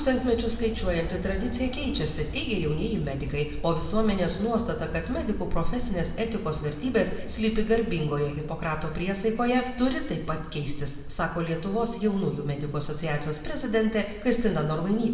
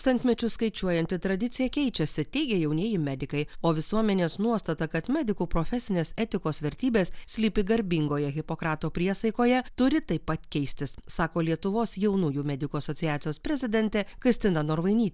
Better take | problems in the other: second | background sound (Aircraft); 13 dB below the speech // room echo; dies away in 1.1 s

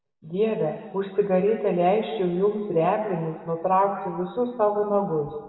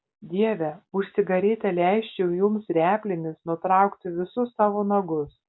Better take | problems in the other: second | room echo; dies away in 1.8 s

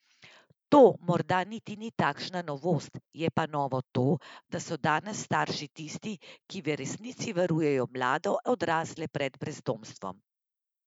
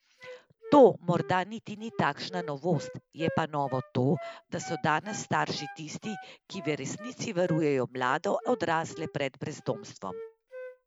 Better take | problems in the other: first | background sound (Wind instrument, woodwind instrument); 16 dB below the speech

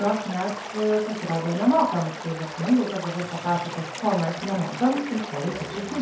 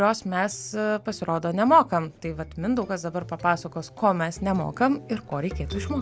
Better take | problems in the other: second | background sound (Stream / Liquid); 10 dB below the speech // room echo; dies away in 0.5 s

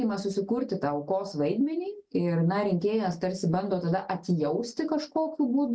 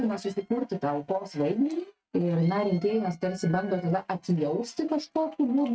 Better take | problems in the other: first | noise reduction (neural mask model RNNoise)

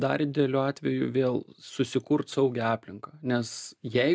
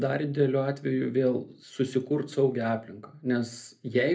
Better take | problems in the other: first | room echo; dies away in 0.3 s

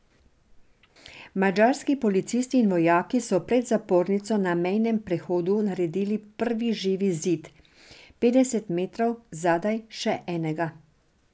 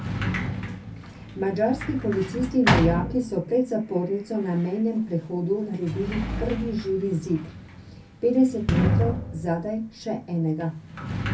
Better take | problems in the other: first | background sound (Sliding door); 3 dB below the speech // room echo; dies away in 0.3 s

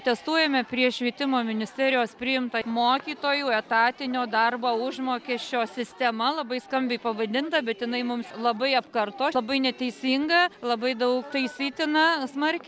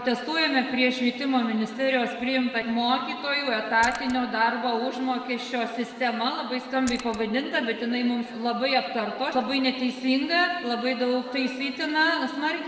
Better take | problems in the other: first | background sound (Splash, splatter); 17 dB below the speech // room echo; dies away in 1.7 s

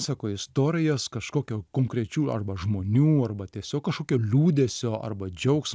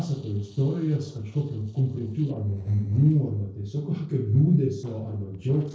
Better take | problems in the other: first | noise reduction (neural separator model SepFormer DNS4)

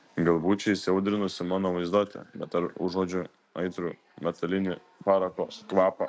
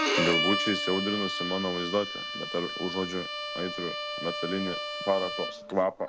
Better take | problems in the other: first | background sound (Bowed string instrument); 1 dB below the speech

